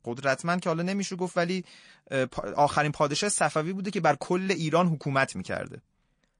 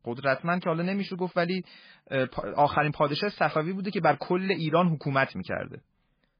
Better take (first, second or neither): first